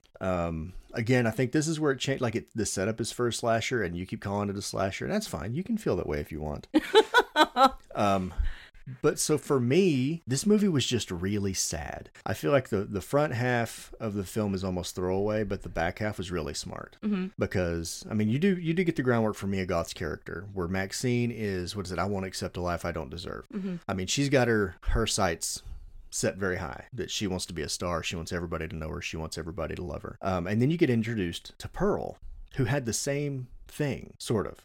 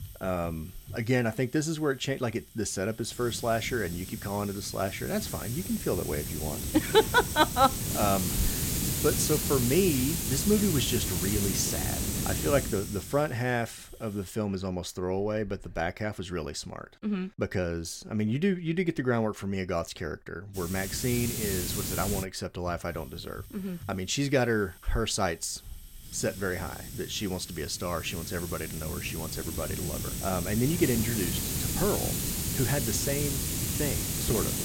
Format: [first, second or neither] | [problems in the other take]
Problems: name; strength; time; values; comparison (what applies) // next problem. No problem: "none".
first | hiss; loud; until 14 s and from 21 s on; 1 dB below the speech